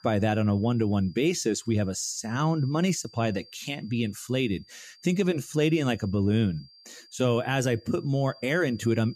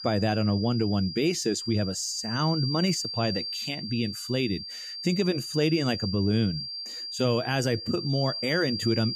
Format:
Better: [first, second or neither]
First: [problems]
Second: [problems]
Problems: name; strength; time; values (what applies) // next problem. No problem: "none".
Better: first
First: high-pitched whine; faint; throughout; 4.5 kHz, 25 dB below the speech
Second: high-pitched whine; loud; throughout; 4.5 kHz, 6 dB below the speech